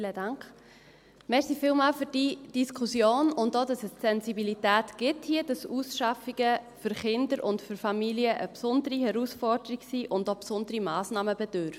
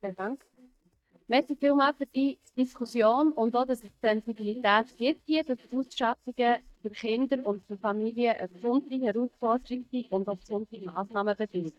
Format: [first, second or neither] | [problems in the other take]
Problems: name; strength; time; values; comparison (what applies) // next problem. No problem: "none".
first | noise reduction (neural mask model DeepFilterNet 3)